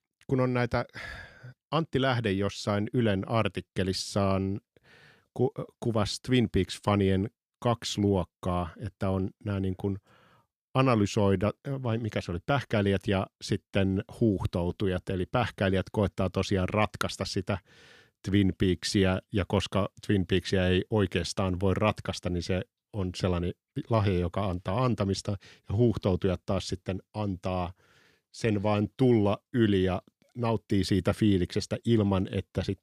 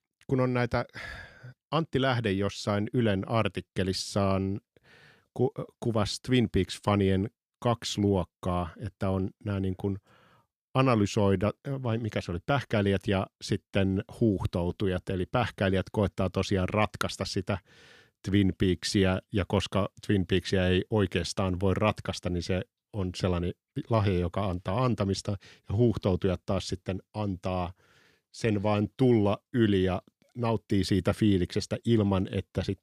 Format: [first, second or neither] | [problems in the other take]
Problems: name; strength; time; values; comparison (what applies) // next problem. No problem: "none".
neither | none